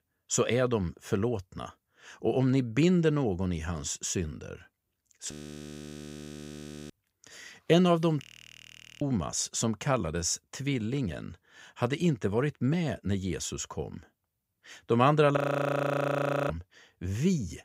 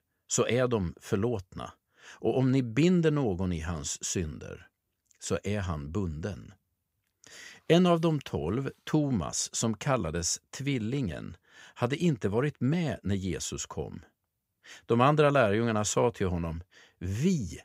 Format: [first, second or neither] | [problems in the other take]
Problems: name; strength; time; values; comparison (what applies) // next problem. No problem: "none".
second | audio freezing; at 5.5 s for 1.5 s, at 8 s for 1 s and at 15 s for 1 s